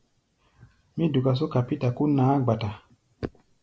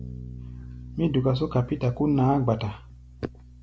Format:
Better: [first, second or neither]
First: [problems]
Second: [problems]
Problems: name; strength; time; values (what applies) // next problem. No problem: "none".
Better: first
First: none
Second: background sound (Bass guitar); 14 dB below the speech